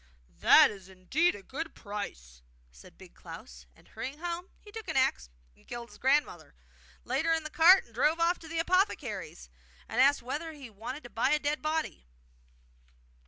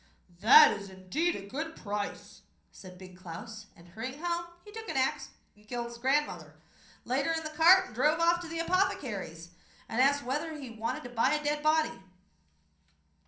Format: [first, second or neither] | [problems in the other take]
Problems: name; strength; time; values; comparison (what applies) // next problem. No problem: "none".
first | room echo; dies away in 0.6 s